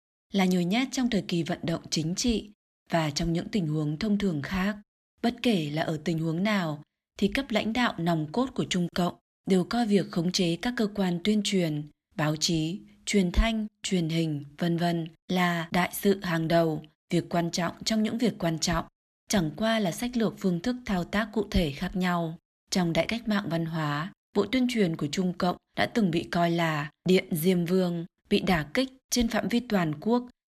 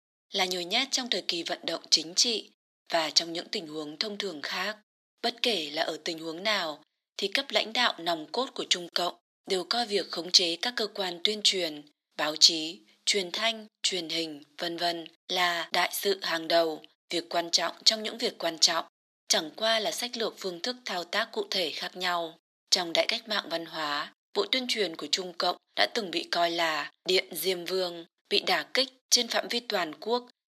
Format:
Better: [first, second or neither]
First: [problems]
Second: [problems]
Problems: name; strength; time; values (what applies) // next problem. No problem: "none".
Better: first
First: none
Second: thin; very; fading below 400 Hz